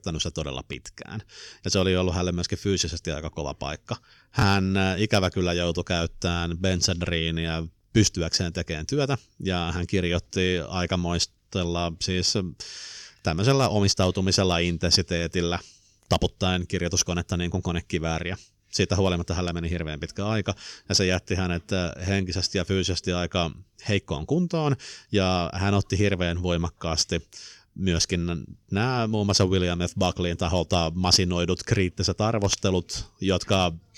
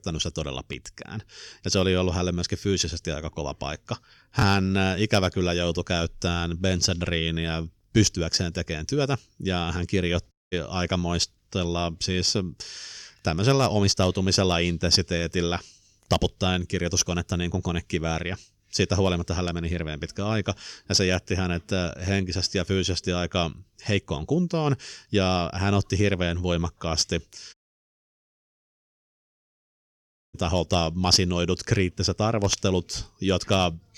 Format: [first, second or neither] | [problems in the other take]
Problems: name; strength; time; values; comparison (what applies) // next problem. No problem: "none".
first | audio cutting out; at 10 s and at 28 s for 3 s